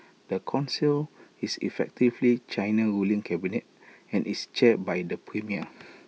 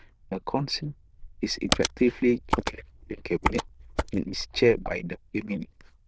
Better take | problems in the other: first | noise reduction (neural diffusion model UNIVERSE++)

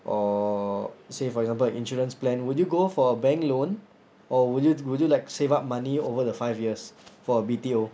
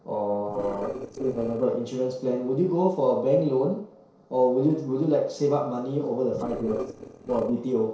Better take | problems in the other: first | noise reduction (neural separator model SepFormer DNS4)

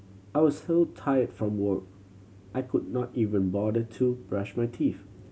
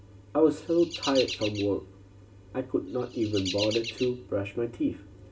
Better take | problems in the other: first | background sound (Chirp, tweet); 11 dB below the speech // room echo; dies away in 0.2 s

